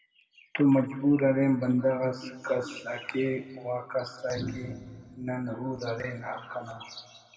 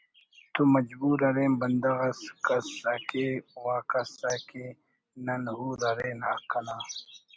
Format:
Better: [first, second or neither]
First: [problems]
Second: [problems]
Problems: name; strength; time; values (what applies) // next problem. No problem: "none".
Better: second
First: background sound (Organ); 10 dB below the speech // room echo; dies away in 1.4 s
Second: none